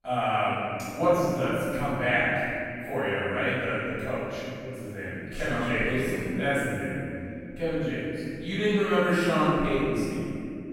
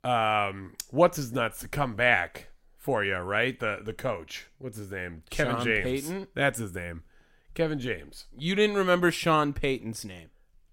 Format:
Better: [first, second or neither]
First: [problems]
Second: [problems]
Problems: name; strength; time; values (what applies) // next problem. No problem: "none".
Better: second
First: off-mic speech; far // room echo; strong; dies away in 3 s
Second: none